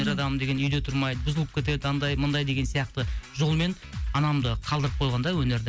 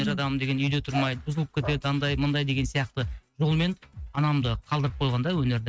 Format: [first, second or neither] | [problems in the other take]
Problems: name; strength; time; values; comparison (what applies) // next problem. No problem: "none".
first | noise reduction (neural mask model RNNoise)